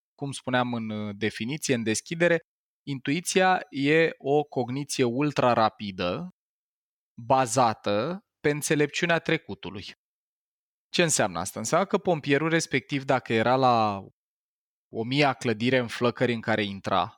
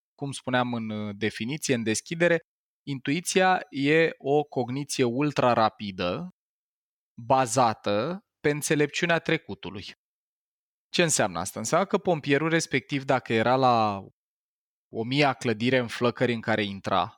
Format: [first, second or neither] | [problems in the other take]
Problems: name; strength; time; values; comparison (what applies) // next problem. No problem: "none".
neither | none